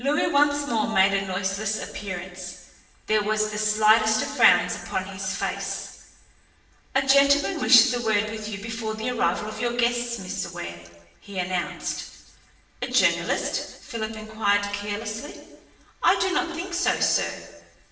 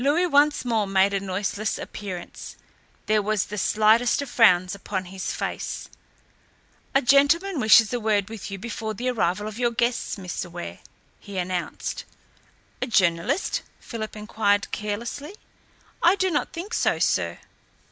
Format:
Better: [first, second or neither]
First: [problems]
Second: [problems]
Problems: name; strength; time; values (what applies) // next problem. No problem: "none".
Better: second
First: room echo; dies away in 1 s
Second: none